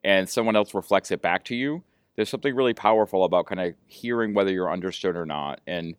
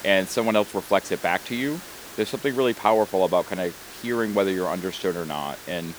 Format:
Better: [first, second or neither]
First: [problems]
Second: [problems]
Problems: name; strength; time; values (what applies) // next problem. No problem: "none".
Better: first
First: none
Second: hiss; noticeable; throughout; 15 dB below the speech